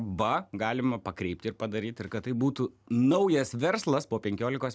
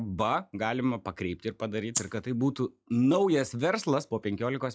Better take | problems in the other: first | noise reduction (classical method log-MMSE)

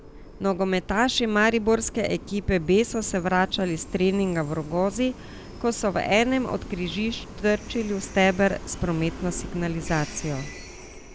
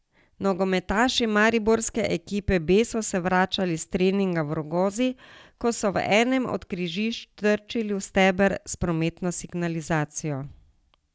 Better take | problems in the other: second | background sound (Train); 14 dB below the speech

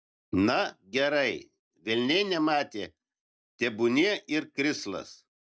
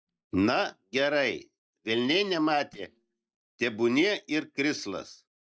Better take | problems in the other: first | noise reduction (neural mask model DeepFilterNet 3)

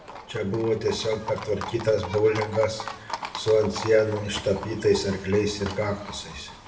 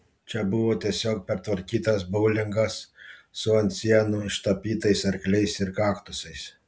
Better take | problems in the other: second | background sound (Livestock, farm animals, working animals); 12 dB below the speech // room echo; dies away in 0.8 s

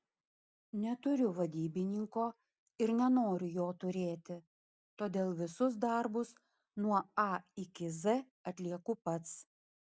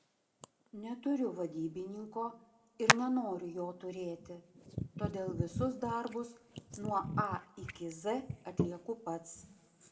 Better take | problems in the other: first | background sound (Hands); 2 dB below the speech // room echo; dies away in 0.9 s

